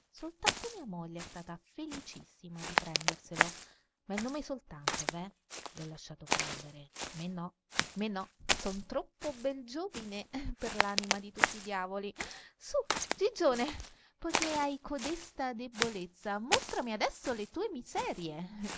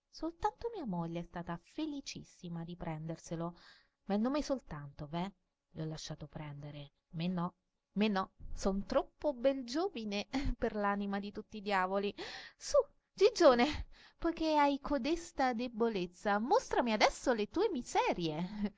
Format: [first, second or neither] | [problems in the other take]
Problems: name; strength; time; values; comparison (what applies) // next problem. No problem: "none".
second | background sound (Walk, footsteps); as loud as the speech